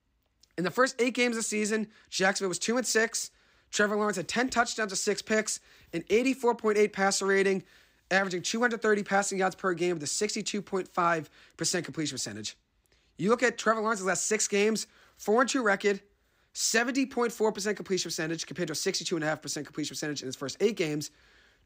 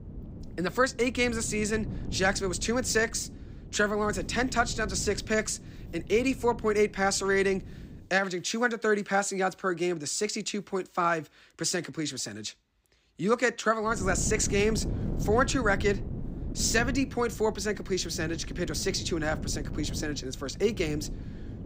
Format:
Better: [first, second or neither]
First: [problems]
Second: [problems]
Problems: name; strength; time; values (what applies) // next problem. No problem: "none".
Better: first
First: none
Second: wind noise on the microphone; occasional gusts; until 8 s and from 14 s on; 20 dB below the speech